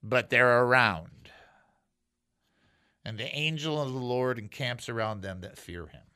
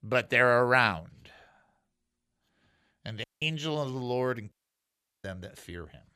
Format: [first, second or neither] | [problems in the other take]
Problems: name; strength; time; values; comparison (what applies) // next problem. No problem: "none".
first | audio cutting out; at 3 s and at 4.5 s for 0.5 s